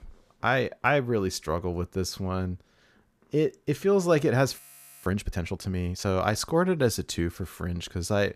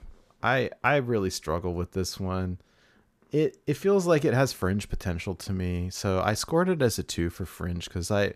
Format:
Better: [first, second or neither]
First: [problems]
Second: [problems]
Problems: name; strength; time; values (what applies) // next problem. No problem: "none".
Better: second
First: audio freezing; at 4.5 s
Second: none